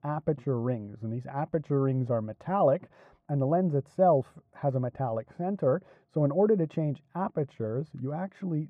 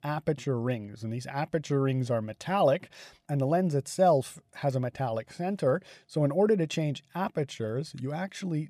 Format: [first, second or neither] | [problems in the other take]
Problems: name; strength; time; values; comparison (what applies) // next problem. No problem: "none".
second | muffled; very; fading above 2 kHz